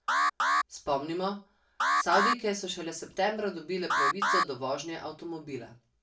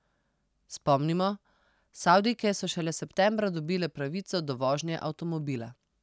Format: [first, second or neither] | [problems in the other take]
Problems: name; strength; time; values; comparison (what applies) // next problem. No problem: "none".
second | background sound (Alarm); 3 dB above the speech // room echo; dies away in 0.3 s